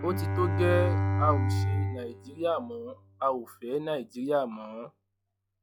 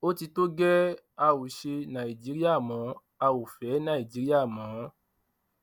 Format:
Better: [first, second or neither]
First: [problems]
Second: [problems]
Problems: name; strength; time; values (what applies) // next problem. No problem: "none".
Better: second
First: noise reduction (classical method log-MMSE)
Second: none